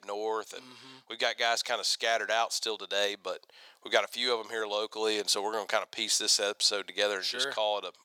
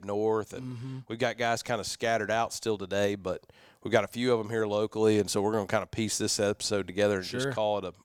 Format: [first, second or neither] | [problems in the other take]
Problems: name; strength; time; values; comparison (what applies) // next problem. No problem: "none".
second | thin; very; fading below 650 Hz